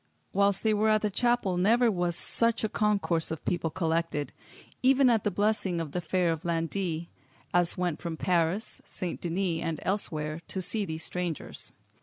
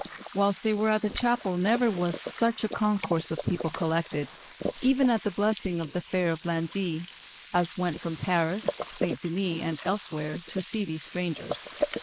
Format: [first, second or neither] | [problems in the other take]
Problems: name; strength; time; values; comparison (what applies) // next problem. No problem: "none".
first | noise reduction (neural mask model Resemble Enhance denoiser)